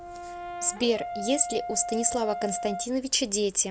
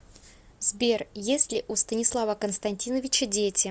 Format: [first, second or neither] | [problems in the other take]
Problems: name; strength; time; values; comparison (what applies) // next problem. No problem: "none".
second | background sound (Brass instrument); 8 dB below the speech